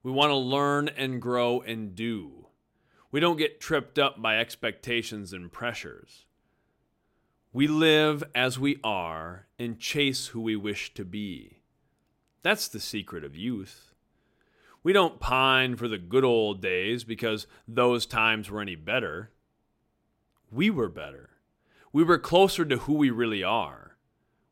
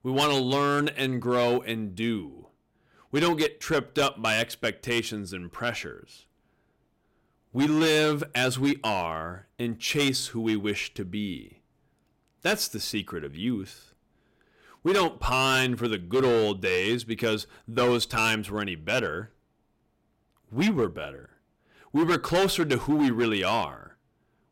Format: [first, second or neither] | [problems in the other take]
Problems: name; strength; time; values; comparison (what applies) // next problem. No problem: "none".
first | distortion; heavy; 6% of the sound clipped